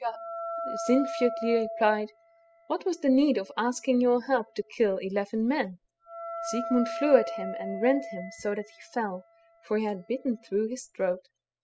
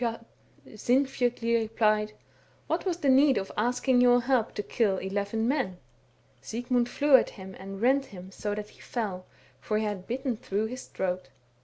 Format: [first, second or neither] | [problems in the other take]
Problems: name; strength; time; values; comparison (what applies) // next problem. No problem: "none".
second | noise reduction (classical method spectral subtraction)